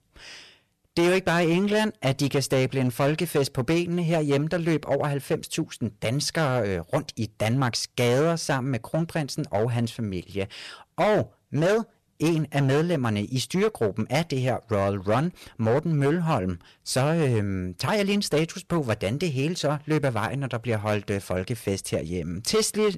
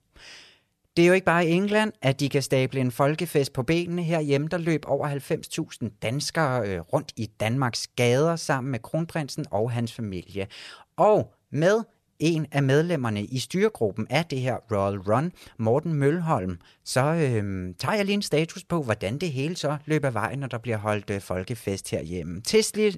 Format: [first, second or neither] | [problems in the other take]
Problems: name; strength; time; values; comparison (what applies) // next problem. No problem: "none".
second | distortion; slight; 8% of the sound clipped